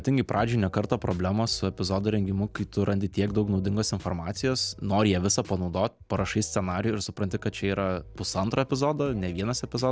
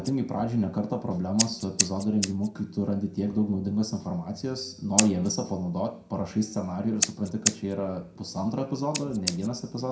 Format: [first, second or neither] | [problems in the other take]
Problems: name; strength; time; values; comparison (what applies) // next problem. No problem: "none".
first | background sound (Scissors); 6 dB below the speech // room echo; dies away in 0.5 s